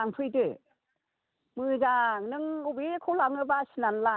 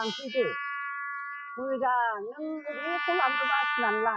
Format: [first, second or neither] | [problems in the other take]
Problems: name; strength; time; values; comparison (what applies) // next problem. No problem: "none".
first | noise reduction (classical method Wiener filter)